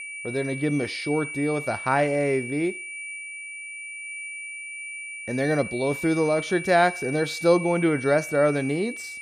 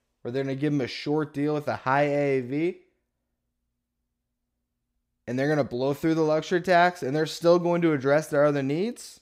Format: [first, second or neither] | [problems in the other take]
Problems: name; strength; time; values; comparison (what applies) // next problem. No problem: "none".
second | high-pitched whine; loud; throughout; 2.5 kHz, 9 dB below the speech